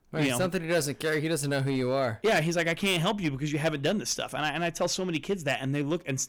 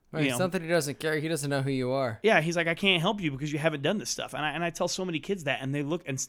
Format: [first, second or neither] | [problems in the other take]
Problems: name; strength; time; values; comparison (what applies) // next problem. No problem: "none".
second | distortion; slight; 7% of the sound clipped